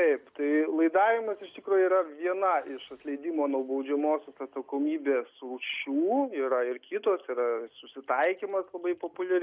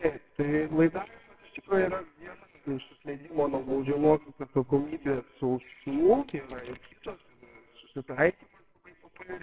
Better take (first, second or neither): first